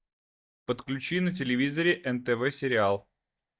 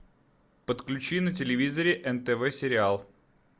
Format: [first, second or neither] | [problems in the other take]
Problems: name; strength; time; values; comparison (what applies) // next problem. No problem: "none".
second | noise reduction (neural mask model DeepFilterNet 3)